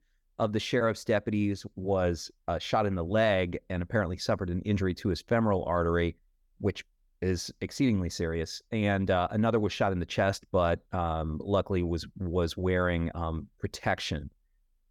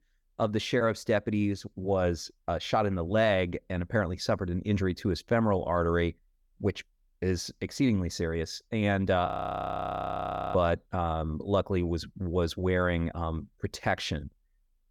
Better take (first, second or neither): first